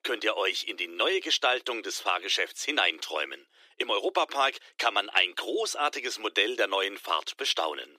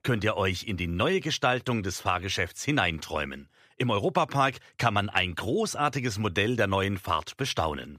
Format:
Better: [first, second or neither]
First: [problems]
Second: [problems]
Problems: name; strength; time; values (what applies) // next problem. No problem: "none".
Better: second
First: thin; very; fading below 300 Hz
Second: none